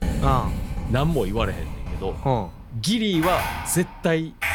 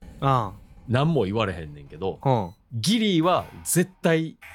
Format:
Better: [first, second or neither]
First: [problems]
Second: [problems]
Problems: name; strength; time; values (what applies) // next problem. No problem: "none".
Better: second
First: household noises; loud; throughout; 6 dB below the speech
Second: household noises; faint; throughout; 25 dB below the speech